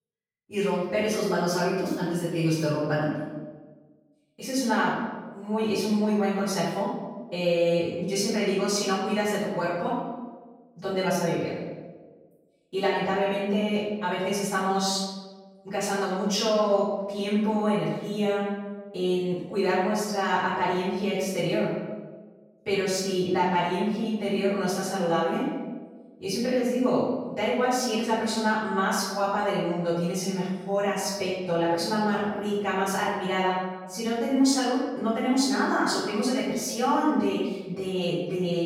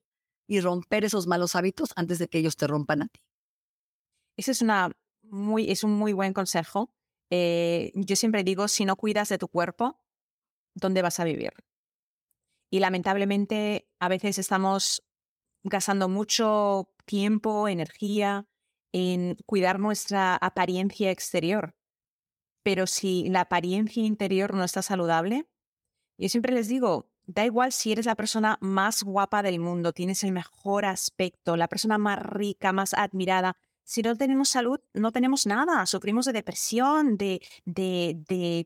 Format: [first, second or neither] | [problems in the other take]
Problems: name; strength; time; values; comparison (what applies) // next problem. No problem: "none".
second | off-mic speech; far // room echo; strong; dies away in 1.2 s